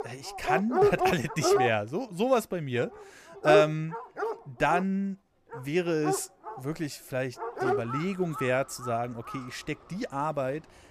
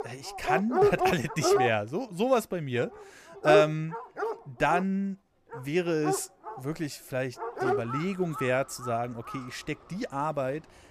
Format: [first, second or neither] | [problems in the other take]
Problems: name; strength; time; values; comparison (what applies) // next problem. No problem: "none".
neither | animal sounds; loud; throughout; 1 dB below the speech; the same in both